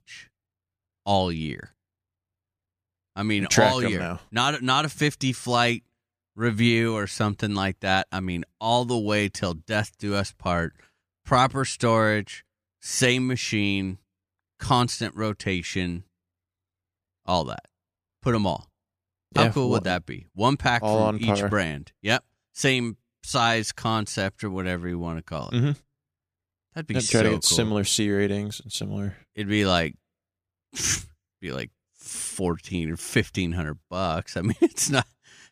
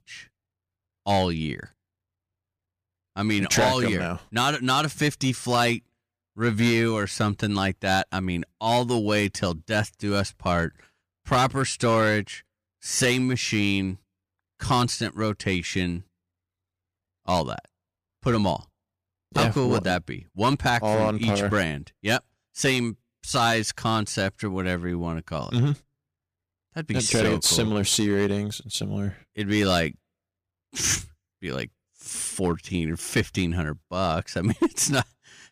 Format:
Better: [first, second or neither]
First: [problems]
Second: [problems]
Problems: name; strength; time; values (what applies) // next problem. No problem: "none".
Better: first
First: none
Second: distortion; slight; 4% of the sound clipped